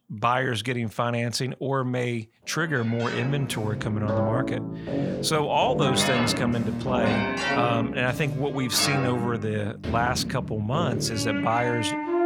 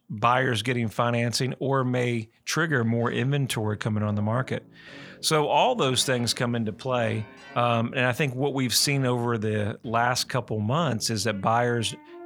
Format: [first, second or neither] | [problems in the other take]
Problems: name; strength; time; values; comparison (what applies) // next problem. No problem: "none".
second | background music; loud; from 3 s on; 3 dB below the speech; faint in the second